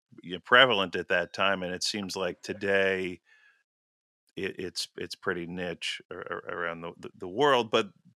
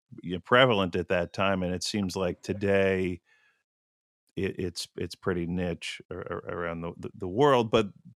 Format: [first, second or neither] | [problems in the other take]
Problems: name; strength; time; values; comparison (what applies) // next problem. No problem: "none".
second | thin; very slightly; fading below 350 Hz